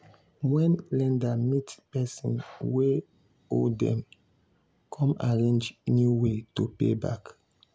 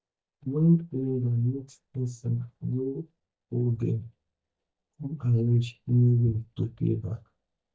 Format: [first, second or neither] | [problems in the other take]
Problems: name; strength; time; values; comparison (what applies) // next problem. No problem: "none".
first | noise reduction (neural mask model DeepFilterNet 3)